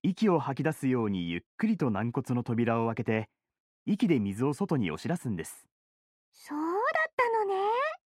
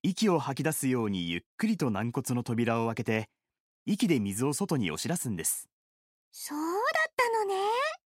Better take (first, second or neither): second